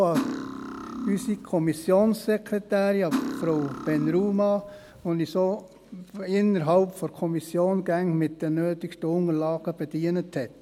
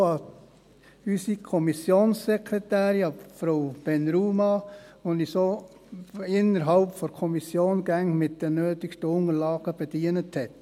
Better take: second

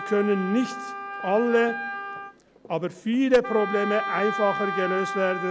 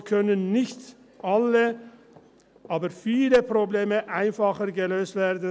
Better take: second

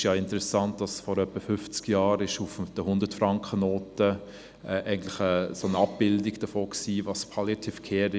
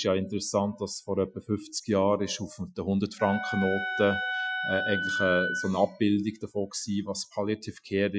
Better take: first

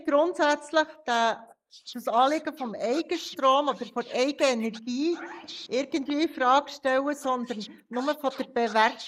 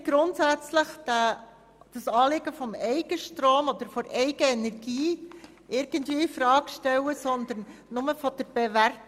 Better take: second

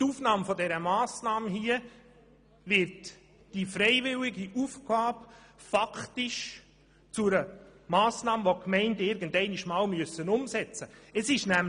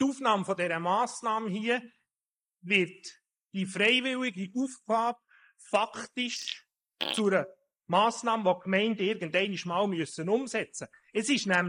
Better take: first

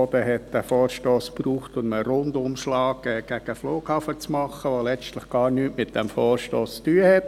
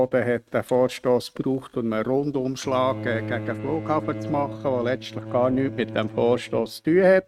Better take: first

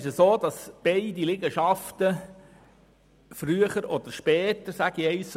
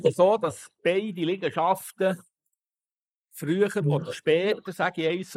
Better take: first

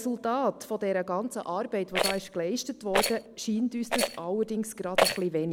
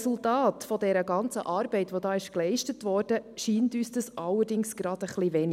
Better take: second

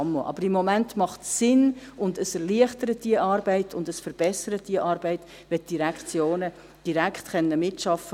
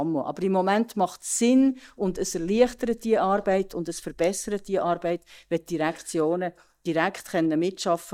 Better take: first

